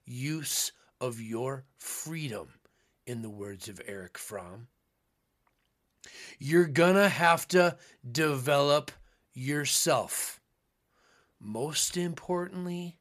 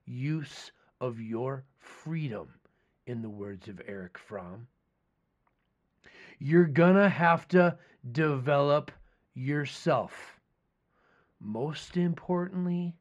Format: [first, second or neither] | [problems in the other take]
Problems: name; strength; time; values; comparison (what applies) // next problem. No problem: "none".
first | muffled; very; fading above 2 kHz